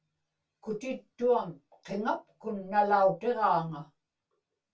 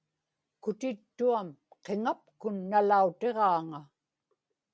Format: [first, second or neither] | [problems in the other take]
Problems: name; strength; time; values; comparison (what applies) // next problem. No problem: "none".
second | room echo; dies away in 0.2 s